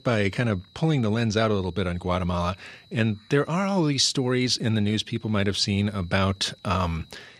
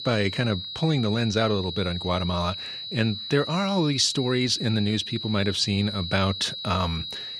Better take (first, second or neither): first